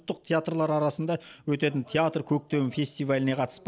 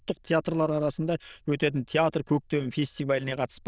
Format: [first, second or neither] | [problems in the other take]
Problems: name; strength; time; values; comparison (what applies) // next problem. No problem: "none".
first | noise reduction (neural diffusion model UNIVERSE++)